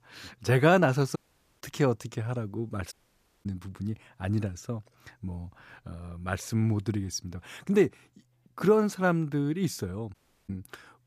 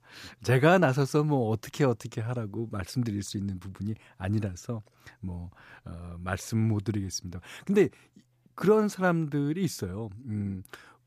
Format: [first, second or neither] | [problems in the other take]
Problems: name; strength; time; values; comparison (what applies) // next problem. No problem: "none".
second | audio cutting out; at 1 s, at 3 s for 0.5 s and at 10 s